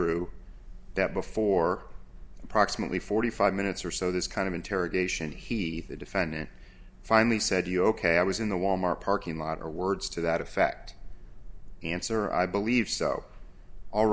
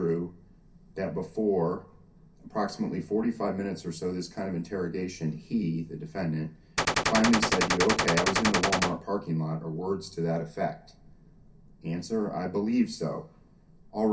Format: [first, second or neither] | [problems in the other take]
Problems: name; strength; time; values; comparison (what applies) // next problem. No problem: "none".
first | background sound (Gunshot, gunfire); 4 dB above the speech // room echo; dies away in 0.3 s